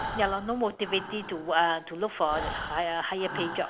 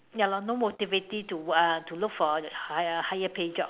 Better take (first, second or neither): second